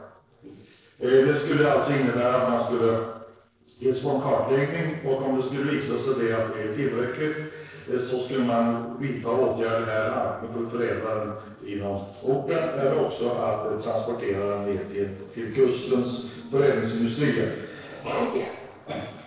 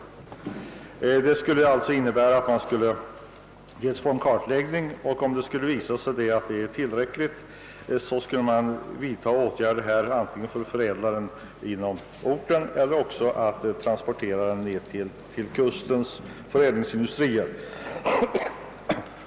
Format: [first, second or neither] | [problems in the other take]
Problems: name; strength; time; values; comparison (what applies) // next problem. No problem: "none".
second | noise reduction (neural separator model SepFormer DNS4)